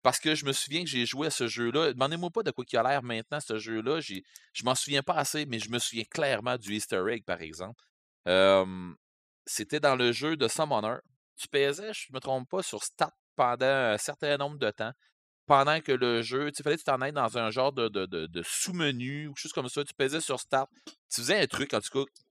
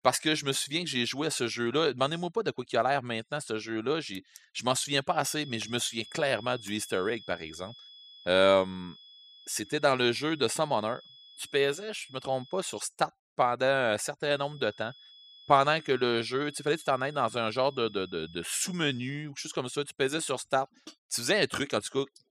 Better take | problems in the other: first | high-pitched whine; faint; from 5.5 to 13 s and from 14 to 19 s; 3.5 kHz, 20 dB below the speech

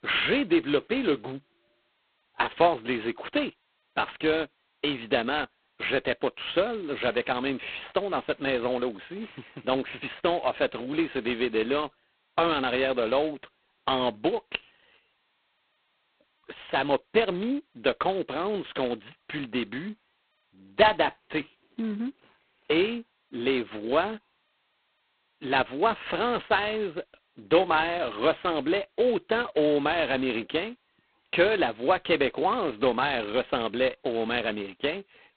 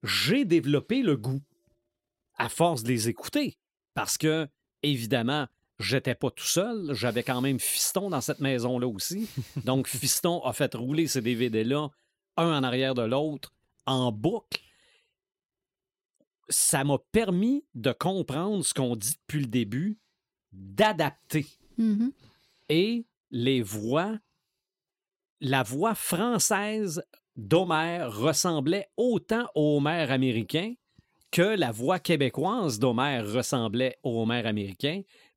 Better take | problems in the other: second | phone-call audio; poor line; nothing above 4 kHz

